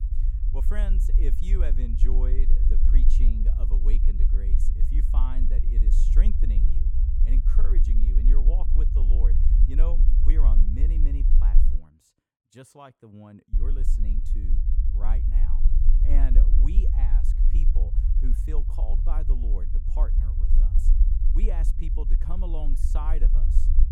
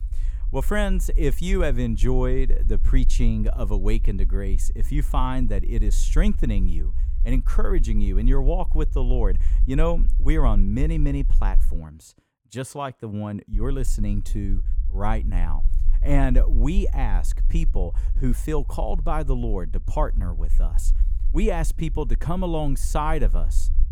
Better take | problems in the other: second | low rumble; loud; until 12 s and from 14 s on; 3 dB below the speech; faint in the second

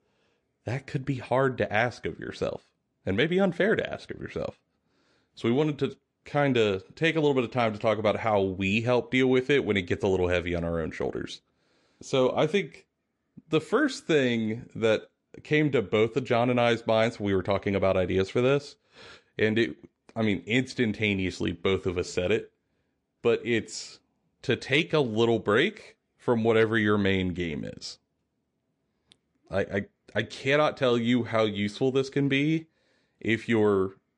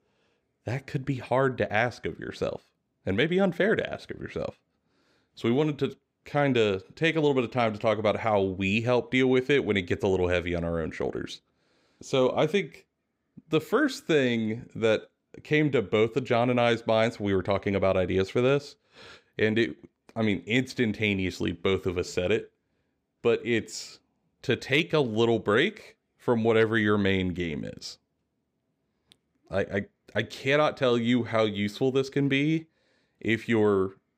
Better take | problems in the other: second | garbled, watery; slightly

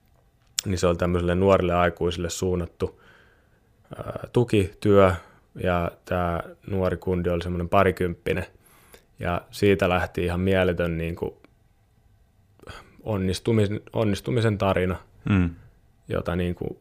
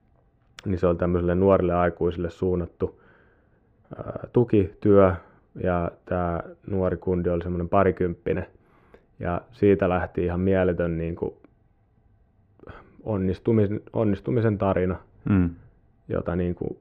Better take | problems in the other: first | muffled; very; fading above 4 kHz

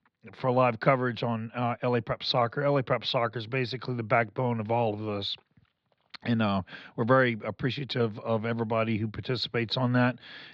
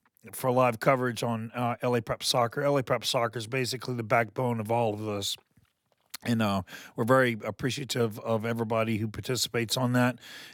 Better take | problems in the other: second | muffled; very slightly; fading above 4 kHz

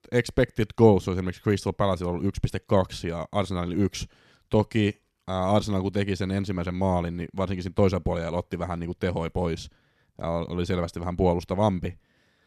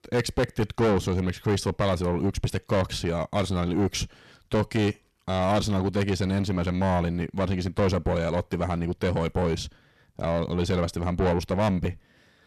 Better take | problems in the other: first | distortion; heavy; 6 dB below the speech

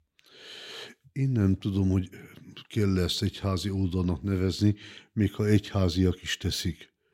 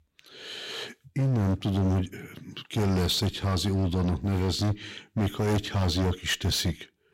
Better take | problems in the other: first | distortion; heavy; 18% of the sound clipped

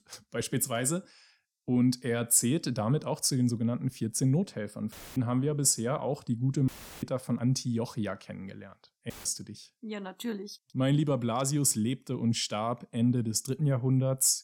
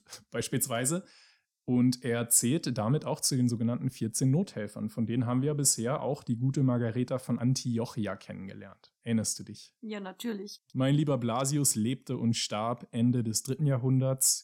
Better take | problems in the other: second | audio cutting out; filled with static; at 5 s, at 6.5 s and at 9 s

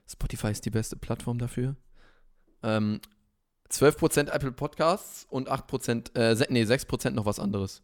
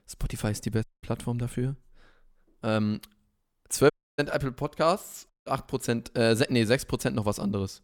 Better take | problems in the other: first | audio cutting out; at 1 s, at 4 s and at 5.5 s

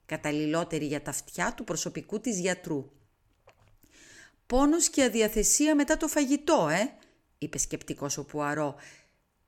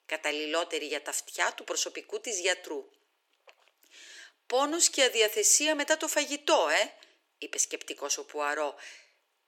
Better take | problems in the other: first | thin; somewhat; fading below 350 Hz

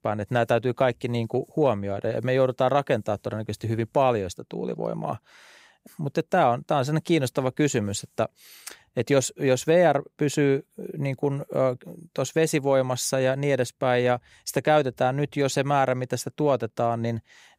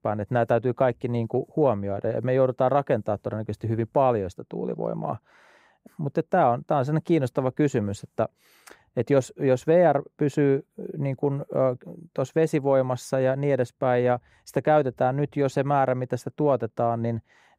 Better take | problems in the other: first | muffled; slightly; fading above 2 kHz

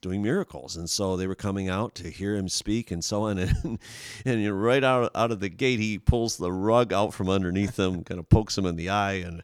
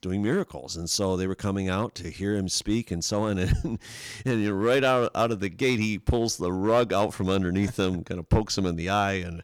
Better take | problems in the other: first | distortion; slight; 3% of the sound clipped

